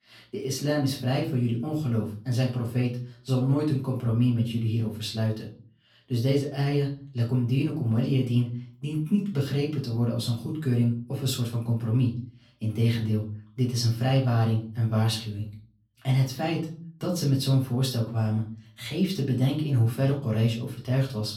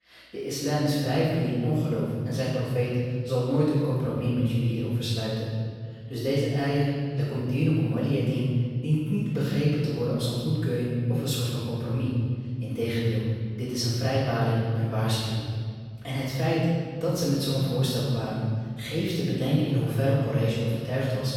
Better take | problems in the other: first | room echo; strong; dies away in 2.1 s; slight in the first // off-mic speech; far; far in the first

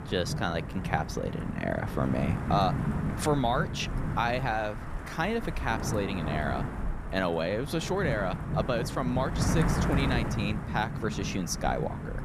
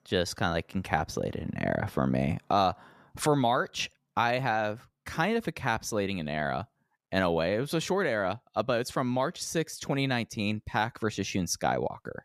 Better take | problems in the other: second | wind noise on the microphone; heavy; 7 dB below the speech

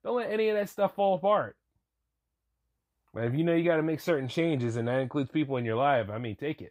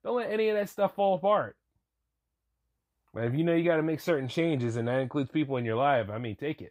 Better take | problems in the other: neither | none

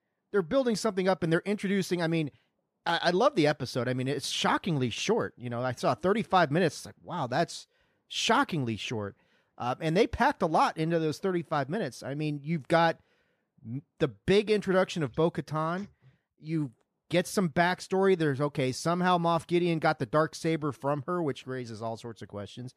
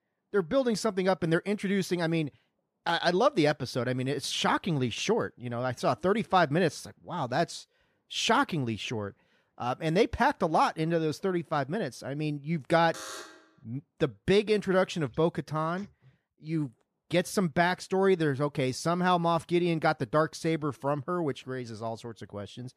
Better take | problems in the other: first | alarm; faint; at 13 s; peak 10 dB below the speech

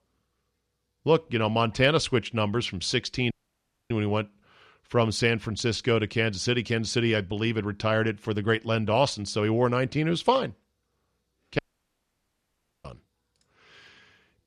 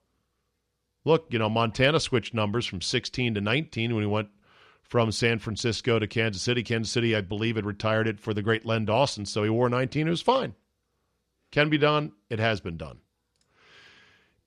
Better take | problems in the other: second | audio cutting out; at 3.5 s for 0.5 s and at 12 s for 1.5 s

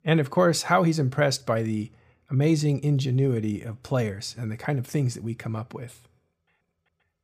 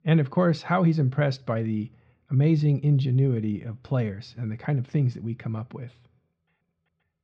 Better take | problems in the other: first | muffled; slightly; fading above 4.5 kHz

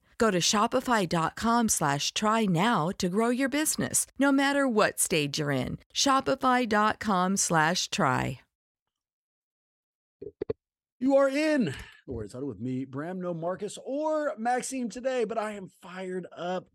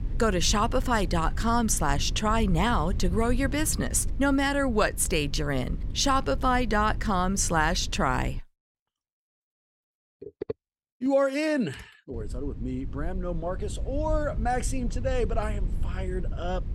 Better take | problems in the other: first | low rumble; faint; until 8.5 s and from 12 s on; 20 dB below the speech

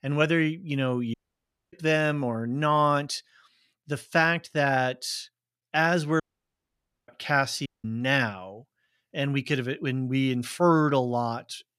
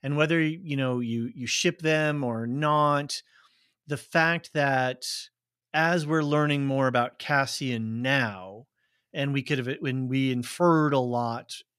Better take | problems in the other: second | audio cutting out; at 1 s for 0.5 s, at 6 s for 1 s and at 7.5 s

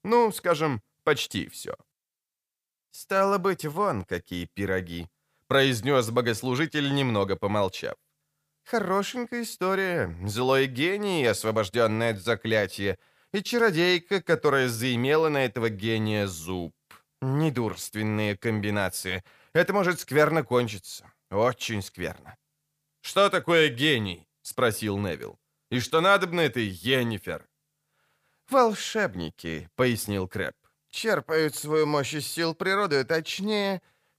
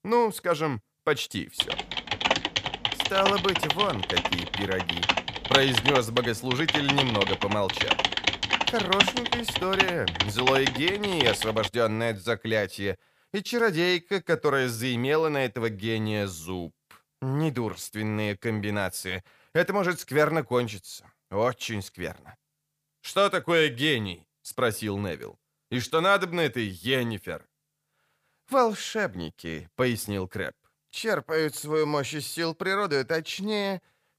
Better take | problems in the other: first | keyboard typing; loud; from 1.5 to 12 s; peak 6 dB above the speech

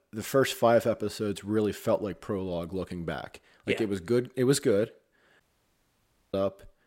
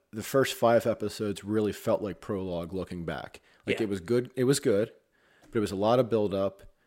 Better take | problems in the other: second | audio cutting out; at 5.5 s for 1 s

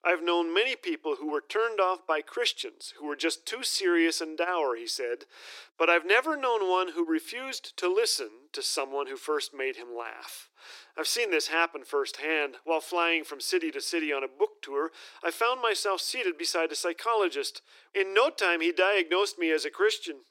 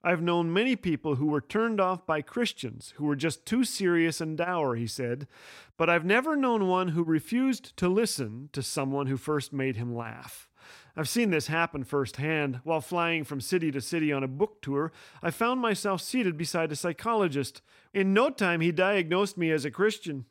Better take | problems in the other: second | thin; very; fading below 300 Hz

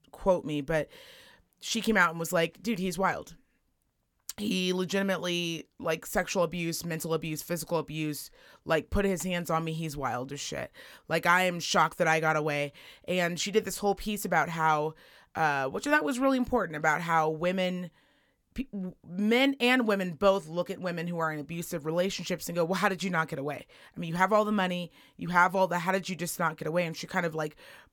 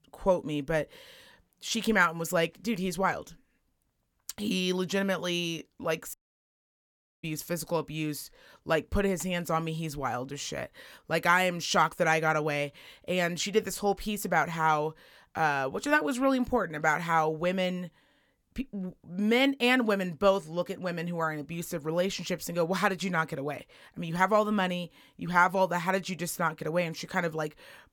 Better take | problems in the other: first | audio cutting out; at 6 s for 1 s

